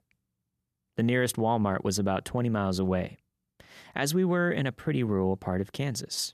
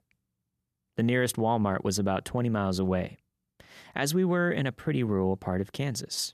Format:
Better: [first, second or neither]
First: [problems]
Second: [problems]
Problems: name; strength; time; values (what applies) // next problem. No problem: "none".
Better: neither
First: none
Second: none